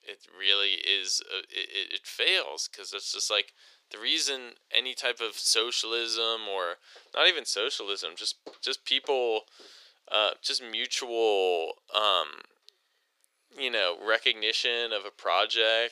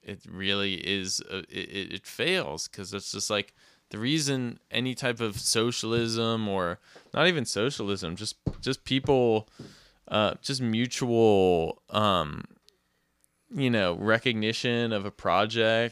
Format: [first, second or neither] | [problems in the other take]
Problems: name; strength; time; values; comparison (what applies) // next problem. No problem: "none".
second | thin; very; fading below 400 Hz